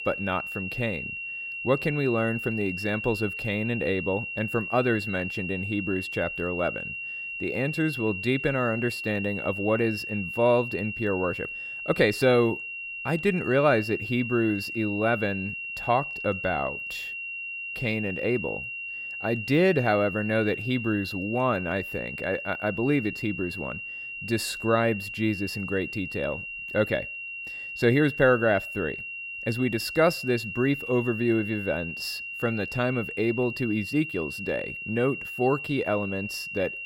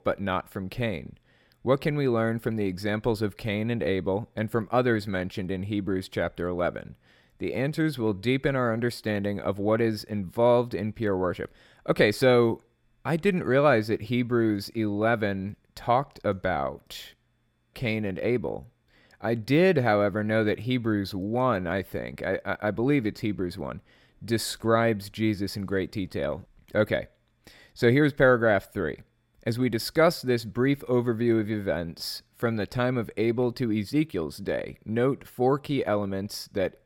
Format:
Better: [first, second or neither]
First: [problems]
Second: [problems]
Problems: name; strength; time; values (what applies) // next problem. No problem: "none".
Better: second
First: high-pitched whine; loud; throughout; 2.5 kHz, 6 dB below the speech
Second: none